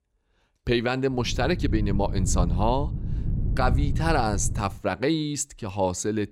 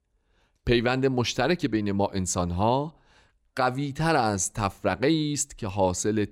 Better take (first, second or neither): second